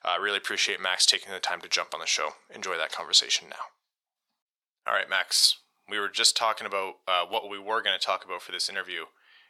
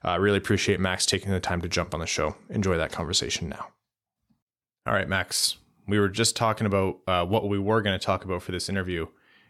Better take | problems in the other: second | thin; very; fading below 800 Hz

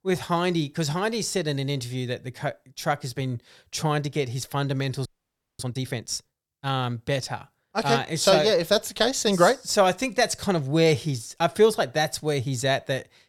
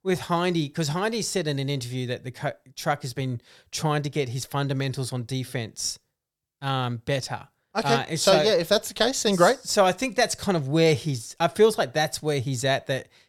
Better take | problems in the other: second | audio freezing; at 5 s for 0.5 s

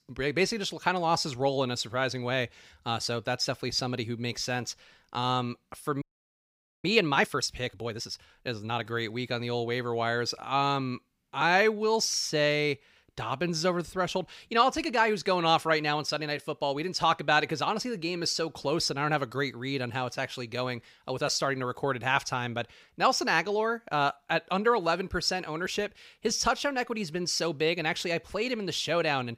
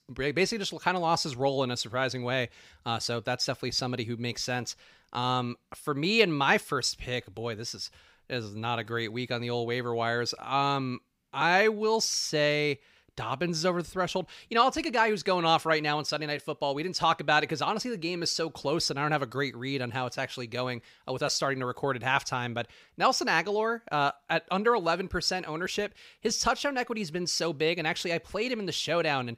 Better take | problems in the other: second | audio freezing; at 6 s for 1 s

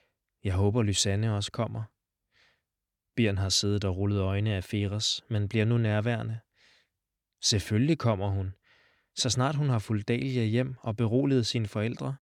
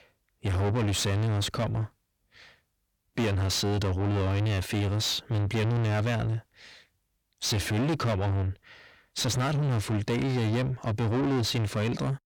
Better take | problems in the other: first | distortion; heavy; 6 dB below the speech

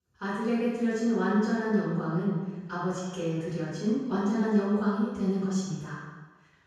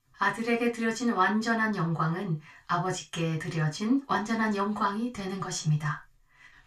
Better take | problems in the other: second | room echo; strong; dies away in 1.2 s; slight in the second // off-mic speech; far; far in the second

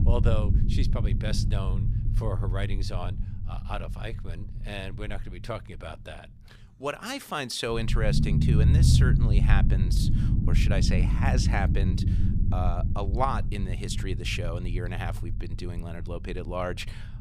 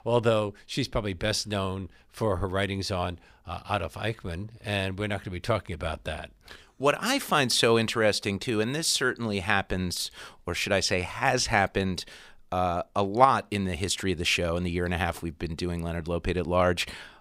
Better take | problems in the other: second | low rumble; loud; throughout; 5 dB below the speech

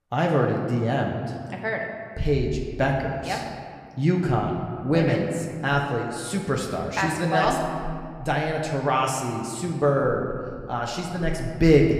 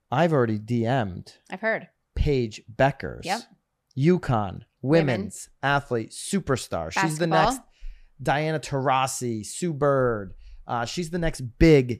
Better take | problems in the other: second | room echo; noticeable; dies away in 1.7 s // off-mic speech; somewhat distant

